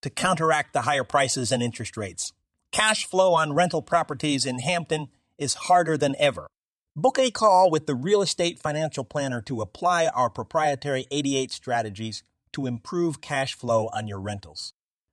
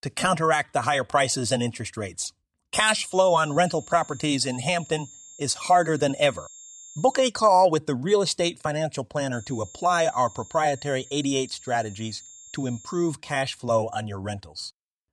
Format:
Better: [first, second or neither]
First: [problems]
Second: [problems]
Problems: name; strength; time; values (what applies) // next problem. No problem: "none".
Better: first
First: none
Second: high-pitched whine; noticeable; from 3 to 7.5 s and from 9.5 to 13 s; 7.5 kHz, 20 dB below the speech